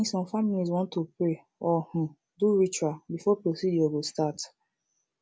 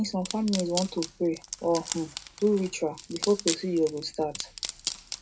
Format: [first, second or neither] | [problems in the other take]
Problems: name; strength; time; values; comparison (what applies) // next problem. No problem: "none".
first | background sound (Wood); 9 dB below the speech // room echo; dies away in 0.2 s